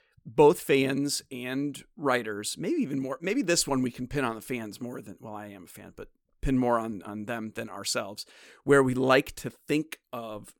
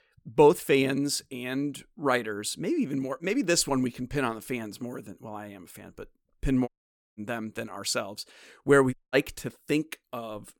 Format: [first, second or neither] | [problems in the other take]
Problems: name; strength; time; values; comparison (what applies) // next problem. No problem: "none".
first | audio cutting out; at 6.5 s and at 9 s